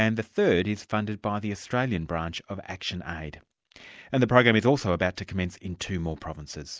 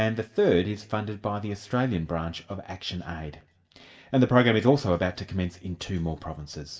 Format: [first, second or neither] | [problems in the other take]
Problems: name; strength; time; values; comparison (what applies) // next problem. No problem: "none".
first | room echo; dies away in 0.7 s